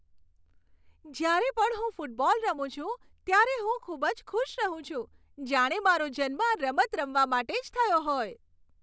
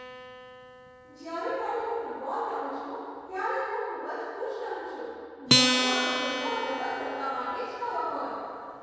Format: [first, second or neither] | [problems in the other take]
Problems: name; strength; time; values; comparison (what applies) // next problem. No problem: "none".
first | background sound (Acoustic guitar); as loud as the speech // room echo; dies away in 2.2 s